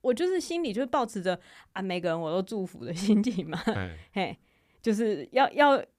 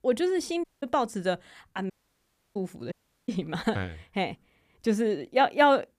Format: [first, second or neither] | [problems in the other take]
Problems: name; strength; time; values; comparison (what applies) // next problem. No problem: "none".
first | audio cutting out; at 0.5 s, at 2 s for 0.5 s and at 3 s